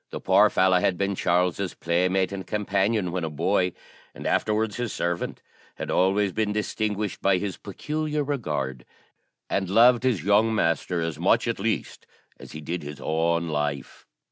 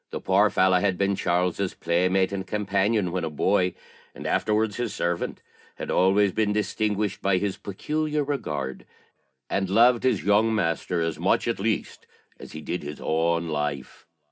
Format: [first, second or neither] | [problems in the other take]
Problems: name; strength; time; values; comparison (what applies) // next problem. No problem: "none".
first | room echo; dies away in 0.3 s